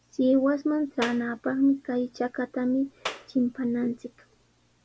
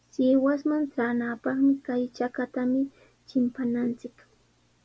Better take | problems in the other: second | background sound (Clapping); 10 dB below the speech

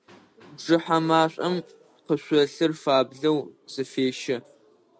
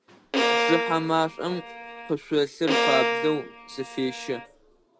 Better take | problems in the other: first | background sound (Bowed string instrument); as loud as the speech

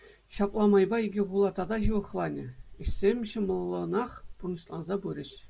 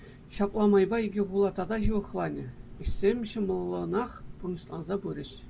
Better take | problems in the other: first | background sound (Engine); 20 dB below the speech

